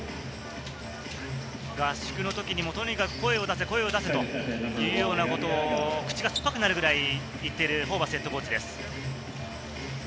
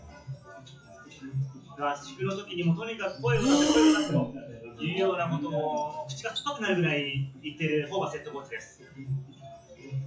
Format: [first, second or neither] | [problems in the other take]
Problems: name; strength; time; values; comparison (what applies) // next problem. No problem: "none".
first | noise reduction (classical method WPE with log-MMSE)